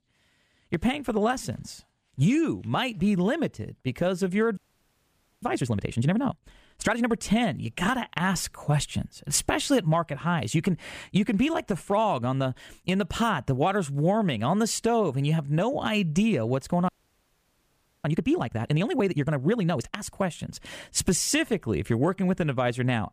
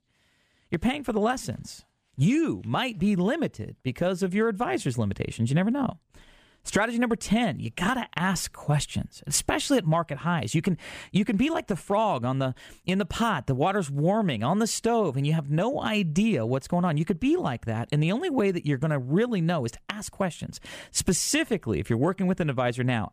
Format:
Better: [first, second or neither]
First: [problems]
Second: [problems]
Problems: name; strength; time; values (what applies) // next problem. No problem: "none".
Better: second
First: audio freezing; at 4.5 s for 1 s and at 17 s for 1 s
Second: none